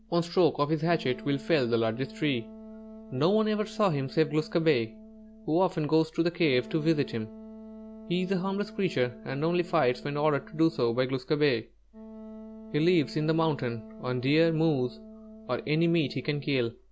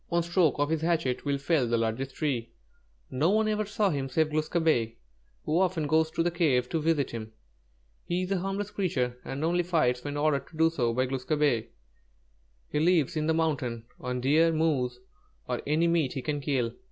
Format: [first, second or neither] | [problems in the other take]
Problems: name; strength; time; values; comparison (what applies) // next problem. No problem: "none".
second | background sound (Wind instrument, woodwind instrument); 18 dB below the speech